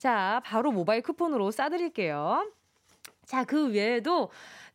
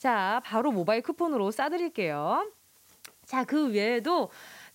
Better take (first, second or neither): first